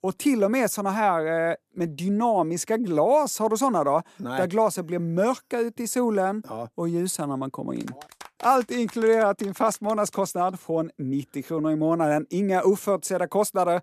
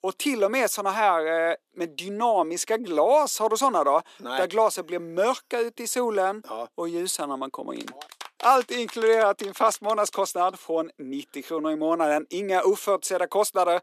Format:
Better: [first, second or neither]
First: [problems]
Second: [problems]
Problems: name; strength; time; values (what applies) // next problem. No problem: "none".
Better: first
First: none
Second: thin; somewhat; fading below 350 Hz